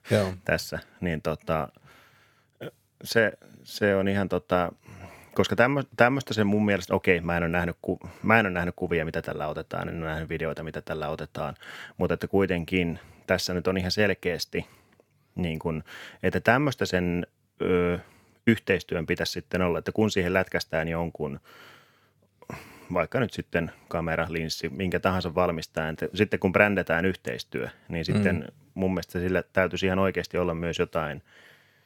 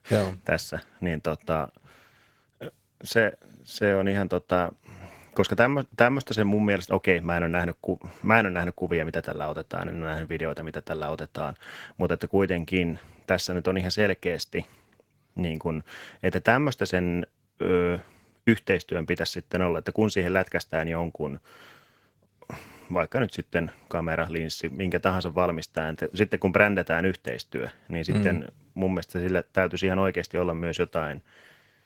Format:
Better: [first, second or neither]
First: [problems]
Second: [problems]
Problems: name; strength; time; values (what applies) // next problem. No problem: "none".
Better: first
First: none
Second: garbled, watery; slightly; nothing above 17 kHz